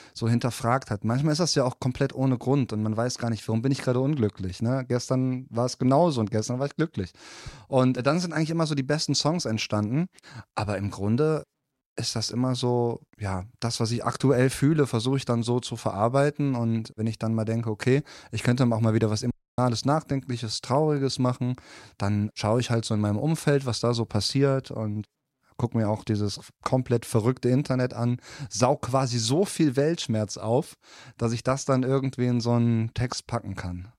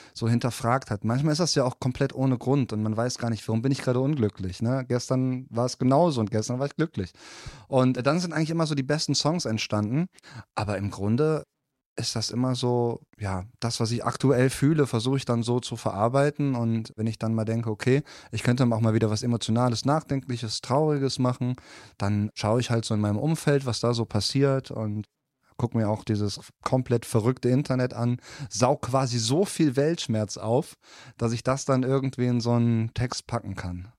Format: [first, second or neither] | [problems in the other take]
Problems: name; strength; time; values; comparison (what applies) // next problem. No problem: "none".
second | audio cutting out; at 19 s